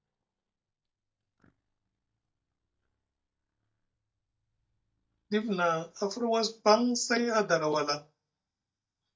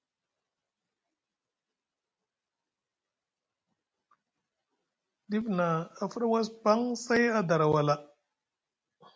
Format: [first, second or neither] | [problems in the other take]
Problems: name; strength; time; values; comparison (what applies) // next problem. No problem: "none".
second | noise reduction (neural mask model DeepFilterNet 3)